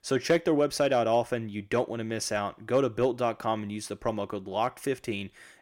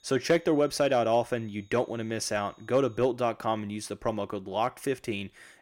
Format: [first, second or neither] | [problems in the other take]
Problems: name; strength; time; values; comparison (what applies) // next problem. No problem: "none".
first | high-pitched whine; faint; until 3 s; 4 kHz, 35 dB below the speech